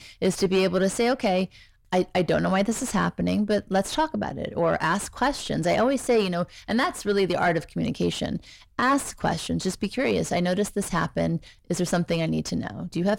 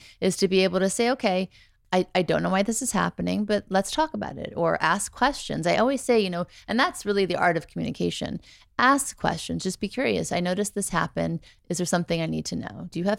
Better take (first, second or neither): second